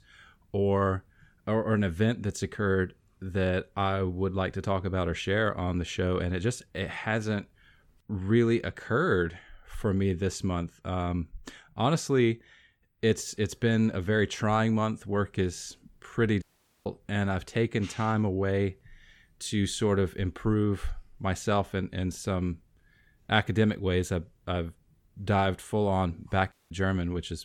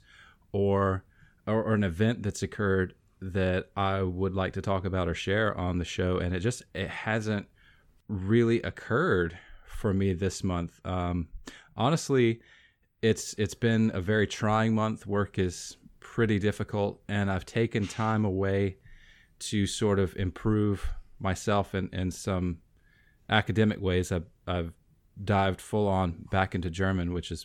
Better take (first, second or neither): second